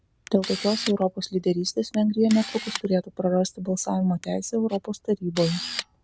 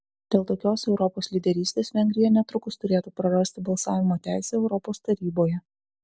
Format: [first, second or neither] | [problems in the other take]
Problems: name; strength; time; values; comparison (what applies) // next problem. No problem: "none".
second | background sound (Camera); 13 dB below the speech